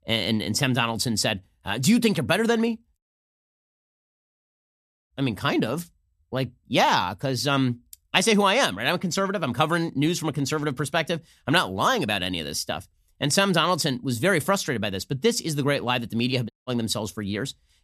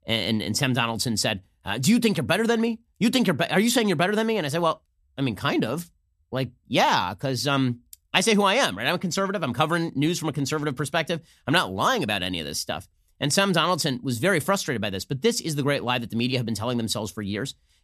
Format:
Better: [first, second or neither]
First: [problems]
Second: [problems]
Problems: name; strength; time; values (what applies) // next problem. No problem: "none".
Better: second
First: audio cutting out; at 3 s for 2 s and at 17 s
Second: none